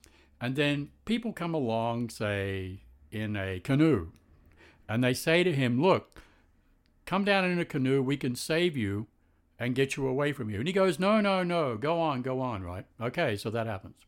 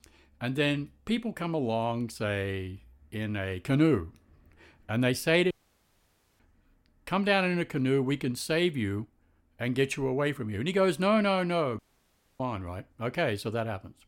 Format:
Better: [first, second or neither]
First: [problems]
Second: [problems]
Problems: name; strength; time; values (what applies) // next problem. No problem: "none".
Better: first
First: none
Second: audio cutting out; at 5.5 s for 1 s and at 12 s for 0.5 s